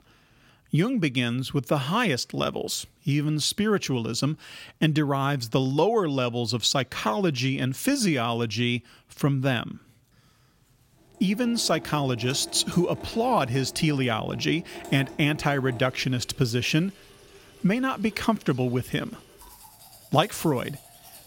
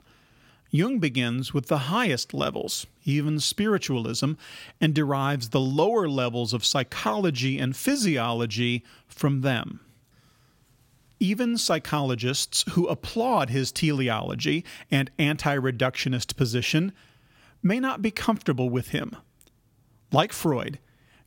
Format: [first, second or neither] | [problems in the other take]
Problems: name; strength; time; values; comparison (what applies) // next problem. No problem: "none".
second | household noises; noticeable; from 11 s on; 20 dB below the speech